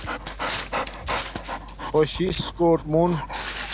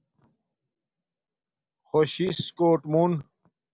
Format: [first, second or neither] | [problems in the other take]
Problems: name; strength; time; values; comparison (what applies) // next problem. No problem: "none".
second | background sound (Dog); 6 dB below the speech